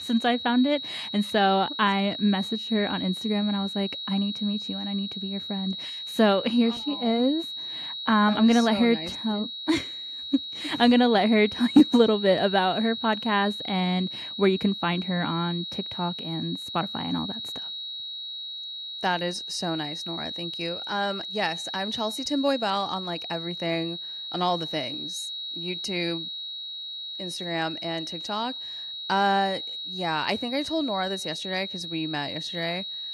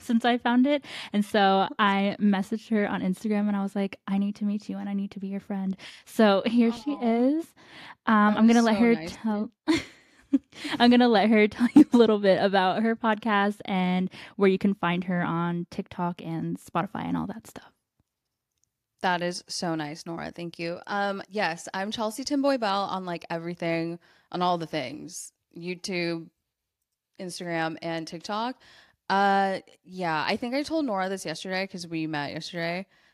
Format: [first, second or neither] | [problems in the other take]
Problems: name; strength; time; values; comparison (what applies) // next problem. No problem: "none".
second | high-pitched whine; loud; throughout; 4 kHz, 6 dB below the speech